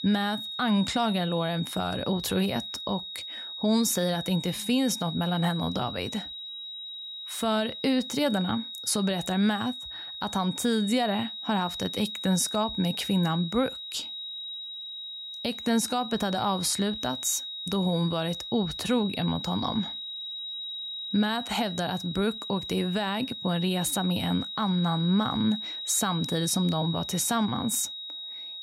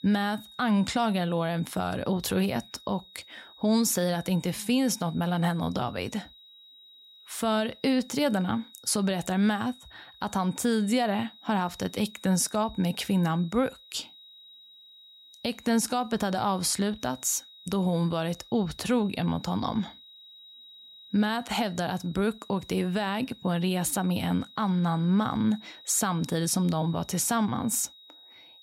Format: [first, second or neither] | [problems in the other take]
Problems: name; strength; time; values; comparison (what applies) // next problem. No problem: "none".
second | high-pitched whine; loud; throughout; 4 kHz, 7 dB below the speech; faint in the second